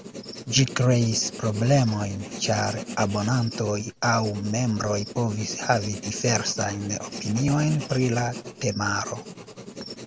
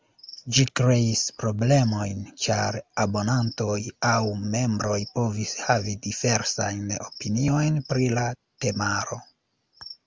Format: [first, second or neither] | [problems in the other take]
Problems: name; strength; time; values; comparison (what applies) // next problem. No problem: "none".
second | background sound (Writing); 13 dB below the speech